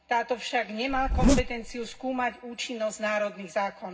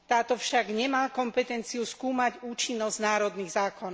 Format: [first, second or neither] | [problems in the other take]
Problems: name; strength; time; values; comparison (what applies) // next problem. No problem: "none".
second | background sound (Zipper (clothing)); 3 dB above the speech // room echo; dies away in 0.4 s